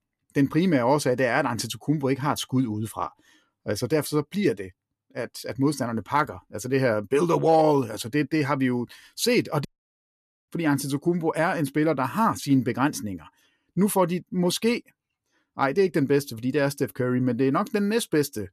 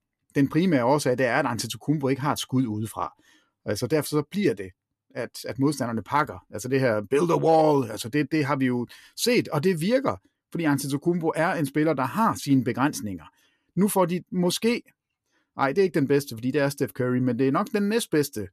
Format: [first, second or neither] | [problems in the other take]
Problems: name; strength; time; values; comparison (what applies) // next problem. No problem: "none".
second | audio cutting out; at 9.5 s for 1 s